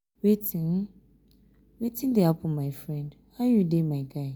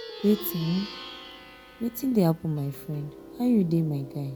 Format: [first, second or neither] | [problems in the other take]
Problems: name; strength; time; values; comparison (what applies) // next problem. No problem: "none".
first | background sound (Plucked string instrument); 15 dB below the speech